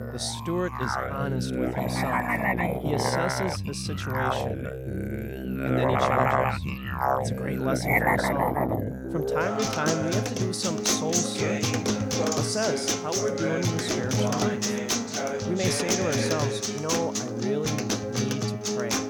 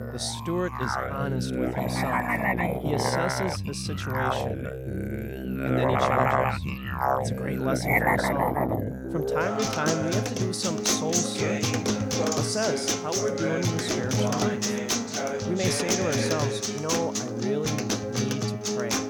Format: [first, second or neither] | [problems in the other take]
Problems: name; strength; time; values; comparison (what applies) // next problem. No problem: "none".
neither | background music; very loud; throughout; 4 dB above the speech; the same in both